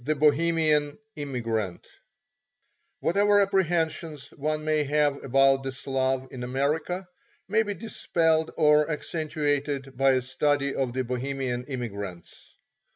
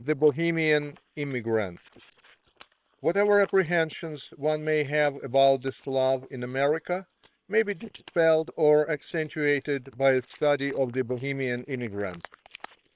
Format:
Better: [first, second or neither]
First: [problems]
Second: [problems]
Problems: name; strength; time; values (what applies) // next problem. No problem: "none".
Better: first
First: none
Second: noise reduction (neural separator model SepFormer WHAM!)